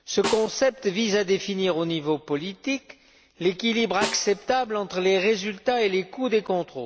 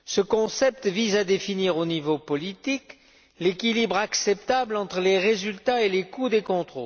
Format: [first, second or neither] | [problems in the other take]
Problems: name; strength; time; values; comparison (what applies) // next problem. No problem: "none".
second | background sound (Snare drum); 13 dB below the speech